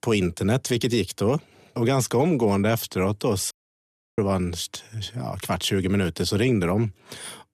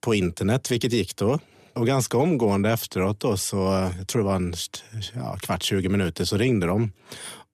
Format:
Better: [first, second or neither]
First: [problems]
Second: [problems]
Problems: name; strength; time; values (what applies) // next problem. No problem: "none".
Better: second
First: audio cutting out; at 3.5 s for 0.5 s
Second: none